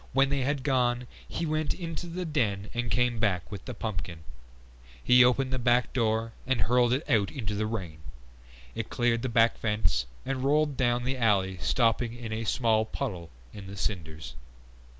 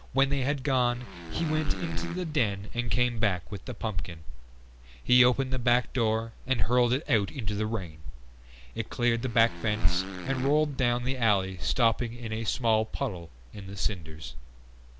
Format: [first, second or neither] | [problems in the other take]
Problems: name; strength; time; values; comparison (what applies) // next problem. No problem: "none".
first | background sound (Motorcycle); 16 dB below the speech